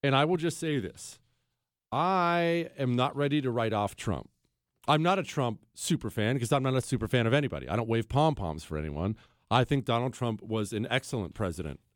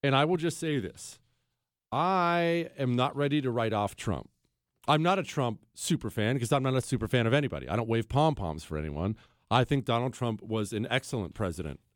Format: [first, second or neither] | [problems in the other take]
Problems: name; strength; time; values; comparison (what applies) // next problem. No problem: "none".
neither | none